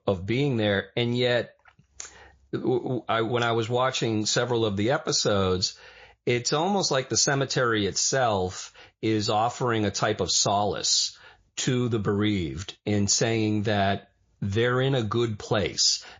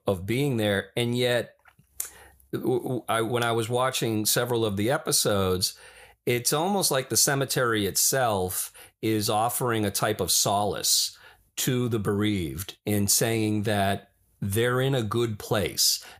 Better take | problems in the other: second | garbled, watery; slightly

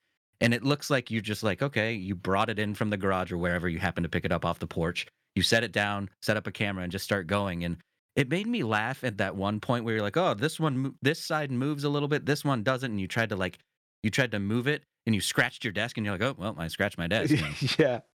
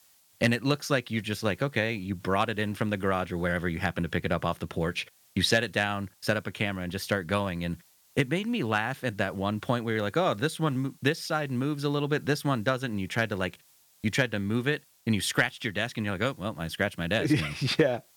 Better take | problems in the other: first | hiss; faint; throughout; 30 dB below the speech

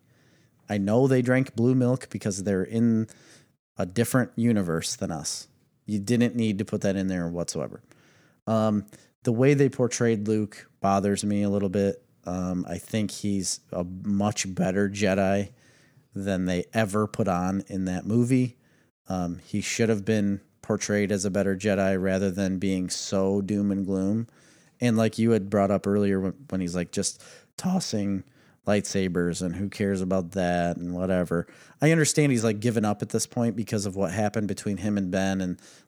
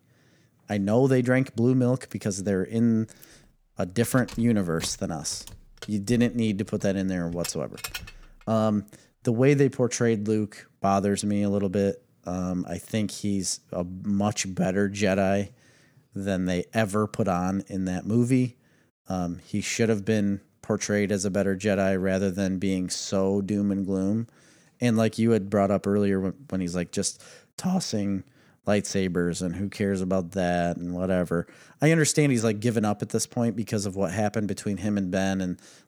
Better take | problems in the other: first | jangling keys; noticeable; from 2 to 8.5 s; peak 9 dB below the speech

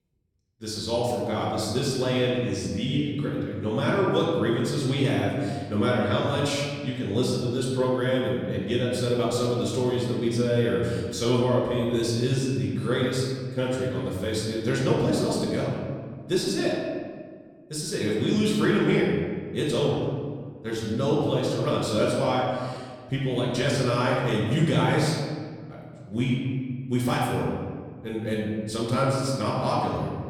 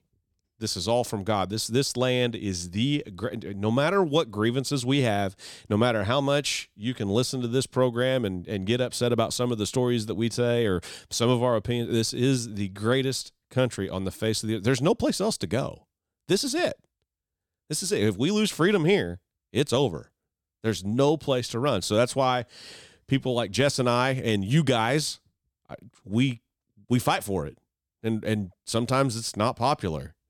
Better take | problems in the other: second | room echo; noticeable; dies away in 1.6 s // off-mic speech; far

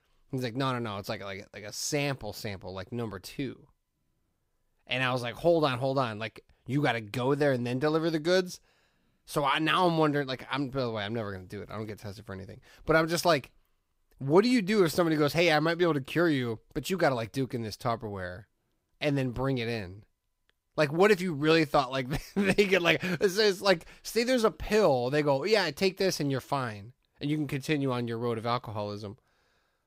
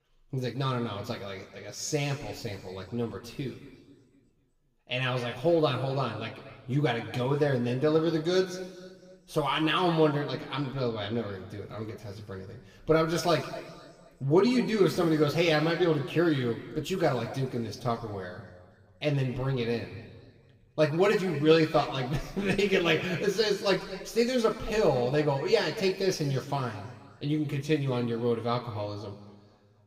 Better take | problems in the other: first | room echo; slight; dies away in 1.7 s // off-mic speech; somewhat distant

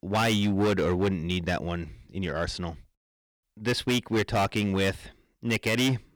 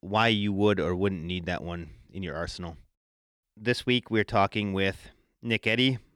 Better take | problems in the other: second | distortion; heavy; 10% of the sound clipped

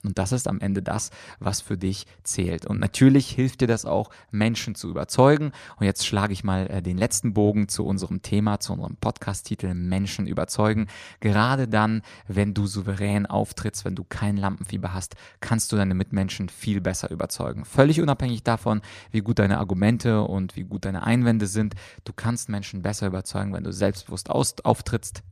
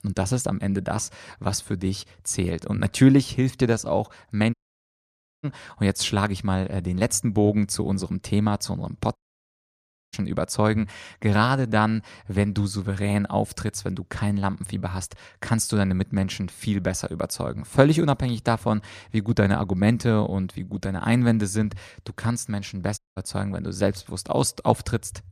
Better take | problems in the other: first | audio cutting out; at 4.5 s for 1 s, at 9 s for 1 s and at 23 s

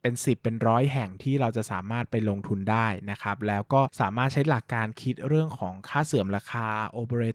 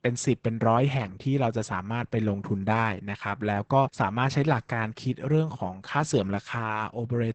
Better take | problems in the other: first | garbled, watery; badly; nothing above 8 kHz; slightly in the first

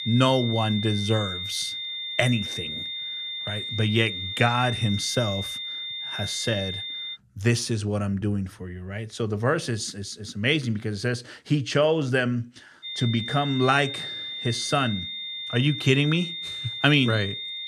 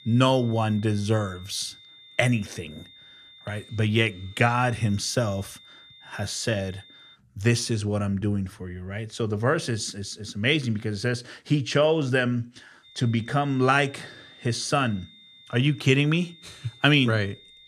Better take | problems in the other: second | high-pitched whine; loud; until 7 s and from 13 s on; 3.5 kHz, 5 dB below the speech; faint in the second

